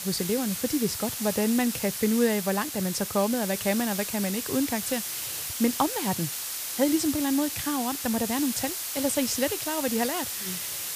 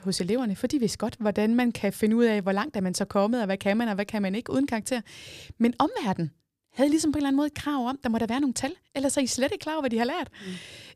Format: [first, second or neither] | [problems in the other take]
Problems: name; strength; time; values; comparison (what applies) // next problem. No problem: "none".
second | hiss; loud; throughout; 3 dB below the speech